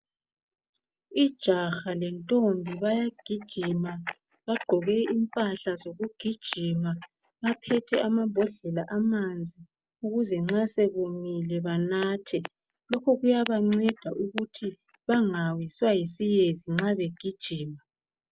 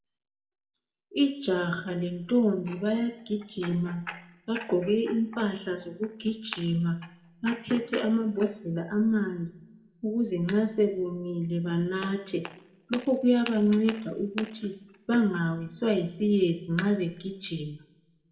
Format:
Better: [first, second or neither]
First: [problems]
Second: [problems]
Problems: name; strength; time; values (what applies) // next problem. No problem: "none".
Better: first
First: none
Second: room echo; dies away in 0.7 s